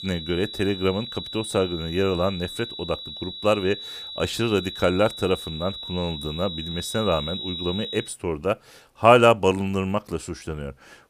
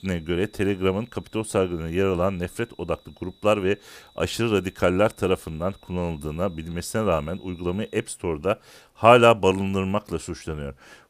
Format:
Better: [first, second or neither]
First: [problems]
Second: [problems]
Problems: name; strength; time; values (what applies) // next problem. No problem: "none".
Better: second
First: high-pitched whine; loud; until 8 s; 4 kHz, 9 dB below the speech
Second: high-pitched whine; faint; until 8 s; 4 kHz, 30 dB below the speech